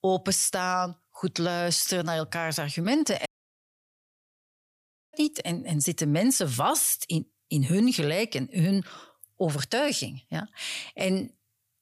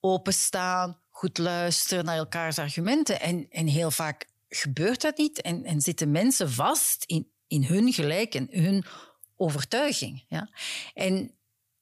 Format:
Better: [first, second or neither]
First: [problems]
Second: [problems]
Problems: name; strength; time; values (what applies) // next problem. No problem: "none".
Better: second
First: audio cutting out; at 3.5 s for 2 s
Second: none